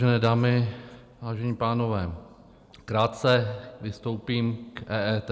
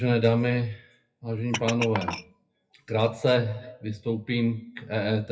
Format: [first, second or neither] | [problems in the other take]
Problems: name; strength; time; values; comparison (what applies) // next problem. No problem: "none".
first | noise reduction (classical method WPE with log-MMSE)